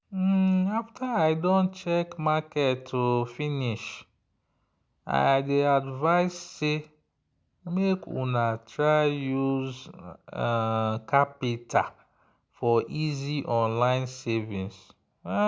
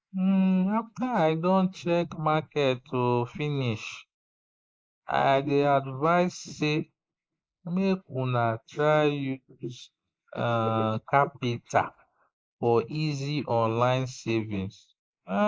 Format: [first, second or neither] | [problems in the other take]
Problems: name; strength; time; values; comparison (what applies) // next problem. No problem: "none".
first | noise reduction (neural mask model Resemble Enhance denoiser)